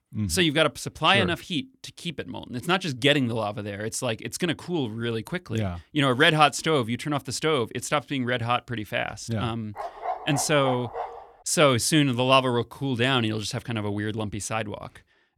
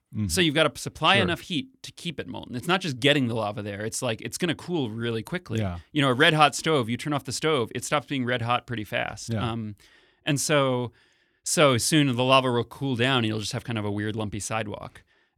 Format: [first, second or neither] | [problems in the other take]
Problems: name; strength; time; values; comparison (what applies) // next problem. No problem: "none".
second | dog barking; noticeable; from 10 to 11 s; peak 7 dB below the speech